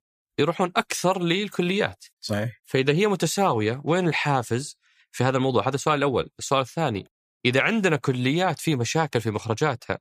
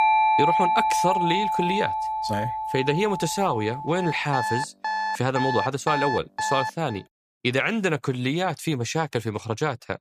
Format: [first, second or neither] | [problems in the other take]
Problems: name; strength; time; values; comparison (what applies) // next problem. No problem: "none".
first | alarms or sirens; very loud; until 7 s; as loud as the speech